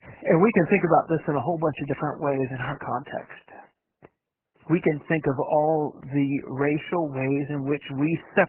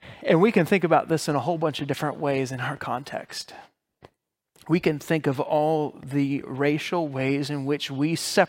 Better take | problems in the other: second | garbled, watery; badly; nothing above 2.5 kHz

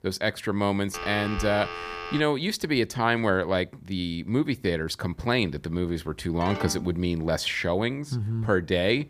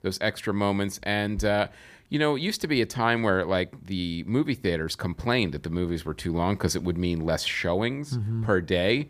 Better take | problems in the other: second | phone ringing; noticeable; from 1 to 2 s and at 6.5 s; peak 7 dB below the speech

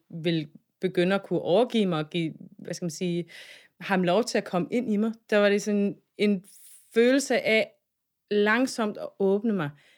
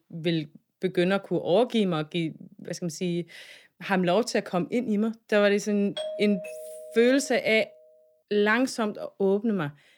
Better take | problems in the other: first | doorbell; noticeable; from 6 to 7.5 s; peak 8 dB below the speech

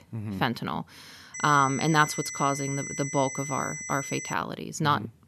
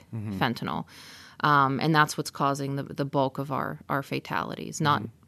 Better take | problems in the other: second | high-pitched whine; loud; from 1.5 to 4.5 s; 2 kHz, 7 dB below the speech

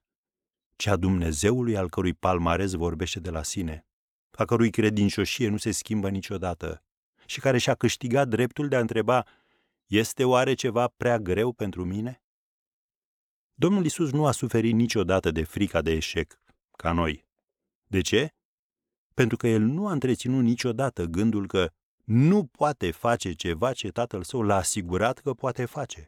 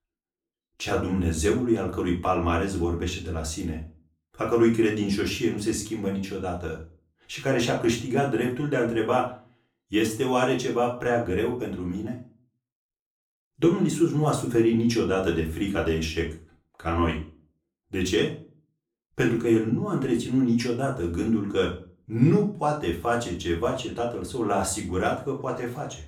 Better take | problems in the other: first | room echo; slight; dies away in 0.3 s // off-mic speech; far

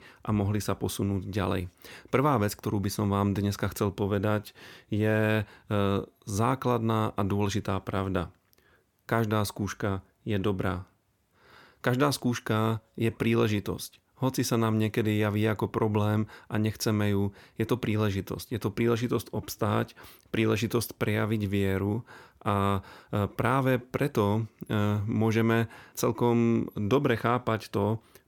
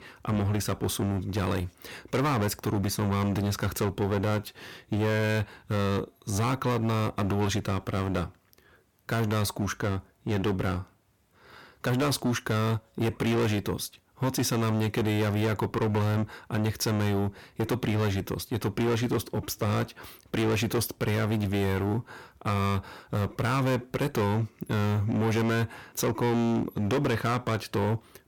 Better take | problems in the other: first | distortion; heavy; 18% of the sound clipped

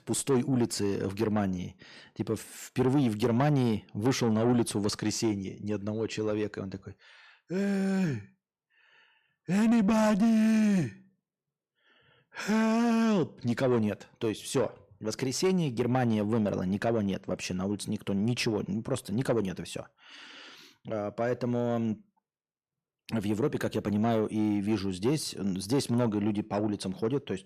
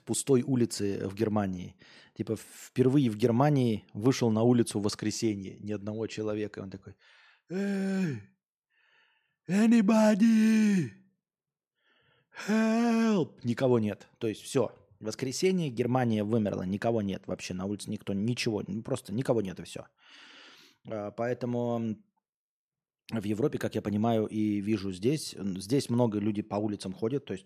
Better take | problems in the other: second | distortion; slight; 10 dB below the speech

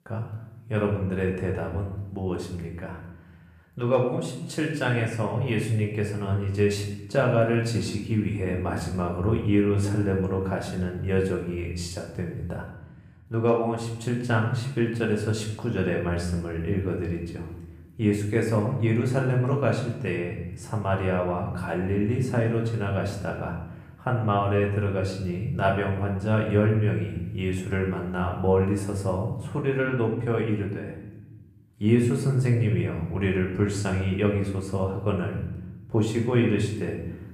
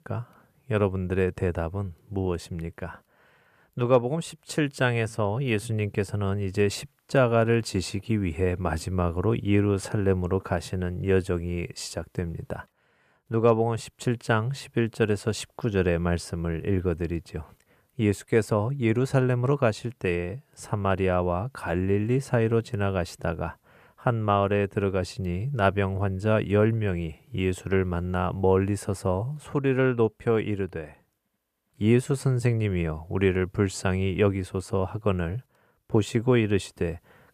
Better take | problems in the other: second | room echo; noticeable; dies away in 0.8 s // off-mic speech; far

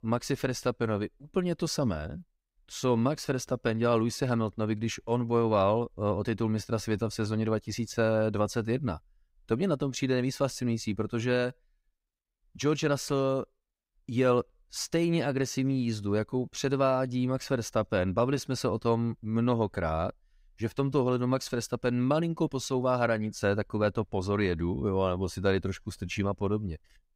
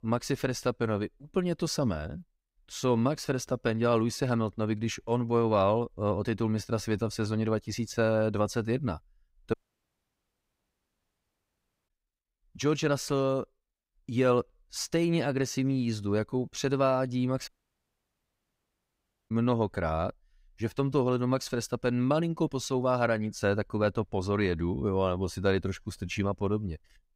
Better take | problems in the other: first | audio cutting out; at 9.5 s for 2.5 s and at 17 s for 2 s

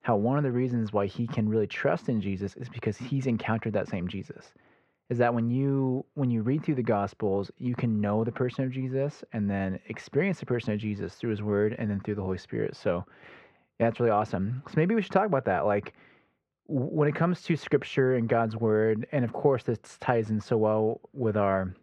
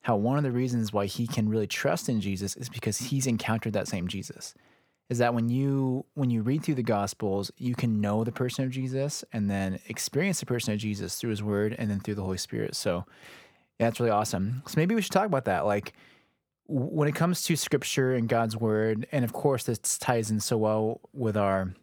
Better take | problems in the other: second | muffled; very; fading above 2 kHz

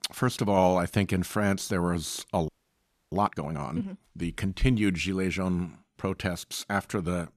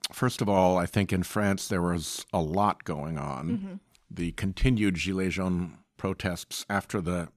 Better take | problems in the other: second | audio freezing; at 2.5 s for 0.5 s

